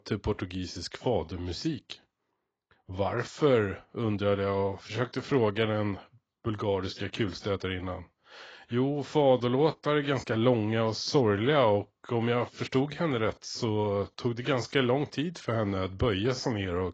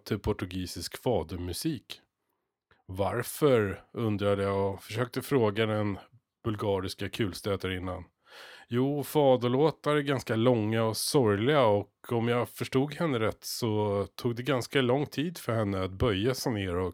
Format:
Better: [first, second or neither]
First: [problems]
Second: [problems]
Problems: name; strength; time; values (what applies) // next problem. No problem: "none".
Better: second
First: garbled, watery; badly; nothing above 7.5 kHz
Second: none